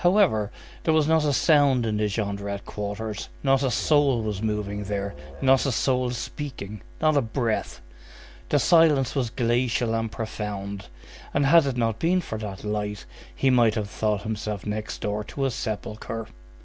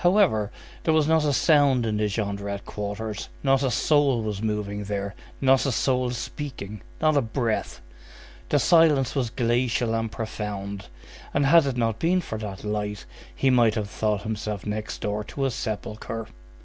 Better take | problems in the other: second | background sound (Musical instrument); 16 dB below the speech

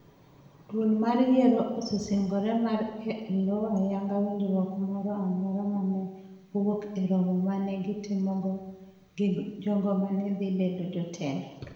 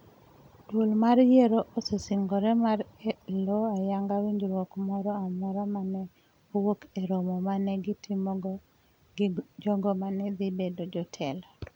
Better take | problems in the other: second | room echo; dies away in 0.9 s

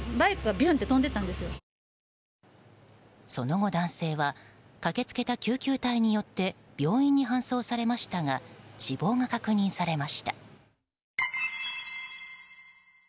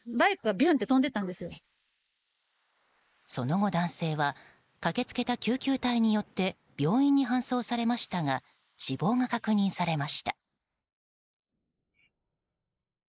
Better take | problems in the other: first | noise reduction (neural mask model Resemble Enhance denoiser)

